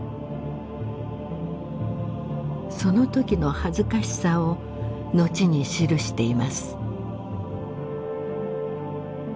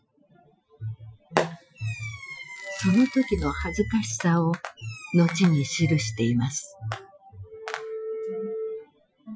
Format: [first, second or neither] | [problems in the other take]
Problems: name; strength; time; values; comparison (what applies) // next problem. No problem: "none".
first | noise reduction (classical method Wiener filter)